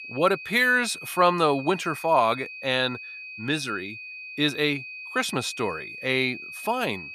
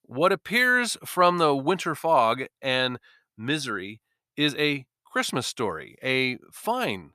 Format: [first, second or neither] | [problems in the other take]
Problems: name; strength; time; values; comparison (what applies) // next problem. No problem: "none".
second | high-pitched whine; noticeable; throughout; 2.5 kHz, 10 dB below the speech